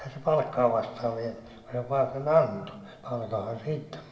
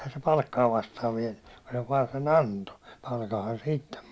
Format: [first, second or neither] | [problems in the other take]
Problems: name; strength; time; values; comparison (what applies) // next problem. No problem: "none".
second | room echo; dies away in 1.6 s